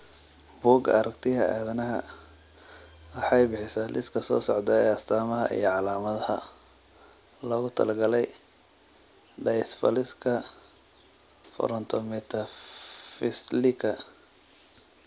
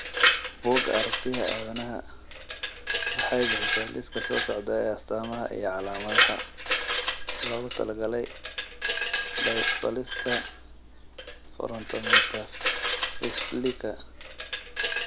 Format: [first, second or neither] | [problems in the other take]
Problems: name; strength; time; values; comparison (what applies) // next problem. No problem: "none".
first | background sound (Glass); 3 dB above the speech